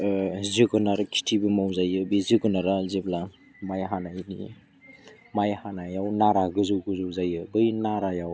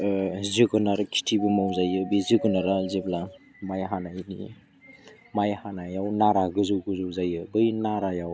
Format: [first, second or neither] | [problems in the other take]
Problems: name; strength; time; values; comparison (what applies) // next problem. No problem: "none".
first | background sound (Doorbell); 10 dB below the speech